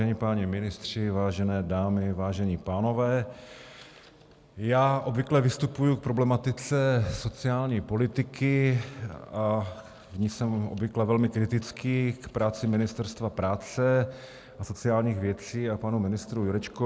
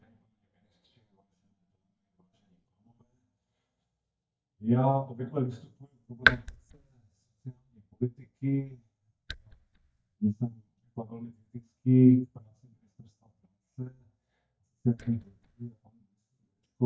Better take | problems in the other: first | noise reduction (neural mask model DeepFilterNet 3)

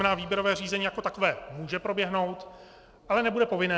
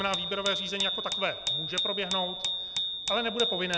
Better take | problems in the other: first | background sound (Bicycle bell); 1 dB above the speech

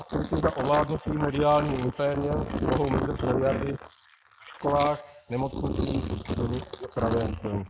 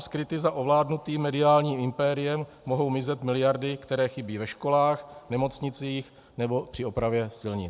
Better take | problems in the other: second | noise reduction (neural mask model Resemble Enhance denoiser)

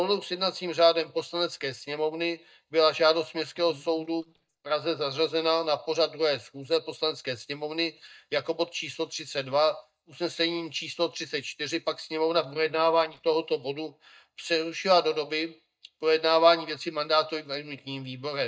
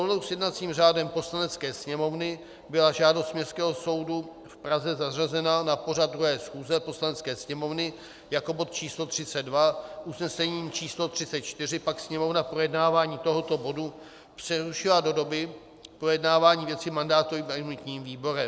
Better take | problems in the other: second | noise reduction (neural mask model DeepFilterNet 3)

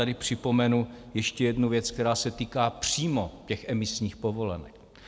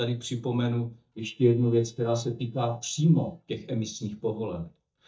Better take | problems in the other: first | noise reduction (neural mask model DeepFilterNet 3)

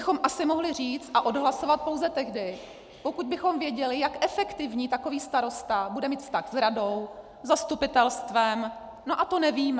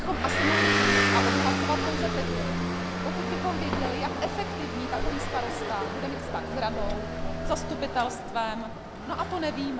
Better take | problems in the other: first | background sound (Motor vehicle (road) / Engine); 4 dB above the speech

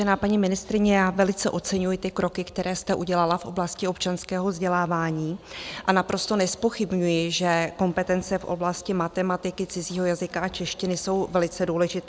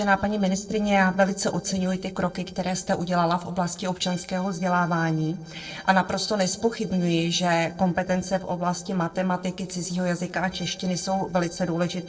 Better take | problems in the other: first | noise reduction (neural separator model SepFormer DNS4)

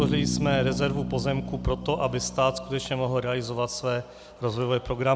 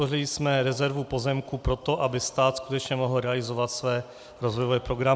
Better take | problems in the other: second | background sound (Bass guitar); 7 dB below the speech

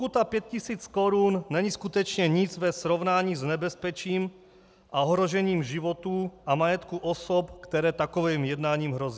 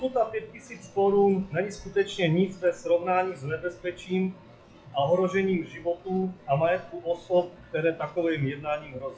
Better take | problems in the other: first | noise reduction (classical method WPE with log-MMSE)

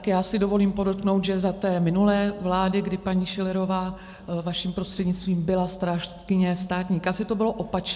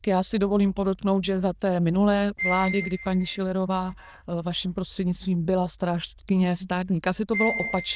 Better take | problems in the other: first | noise reduction (neural diffusion model UNIVERSE++)

